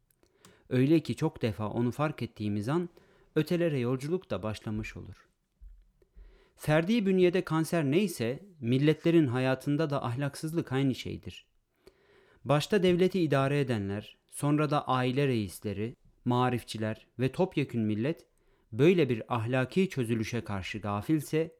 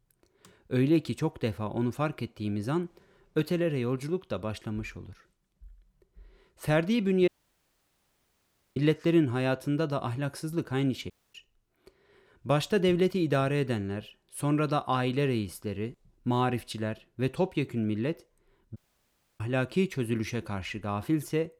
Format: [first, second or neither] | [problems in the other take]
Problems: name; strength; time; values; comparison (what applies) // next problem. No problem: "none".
first | audio cutting out; at 7.5 s for 1.5 s, at 11 s and at 19 s for 0.5 s